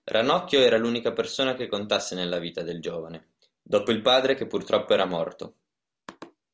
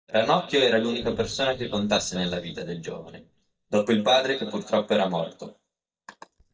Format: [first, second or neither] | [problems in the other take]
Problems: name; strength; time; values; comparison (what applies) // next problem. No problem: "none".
first | noise reduction (neural mask model DeepFilterNet 3)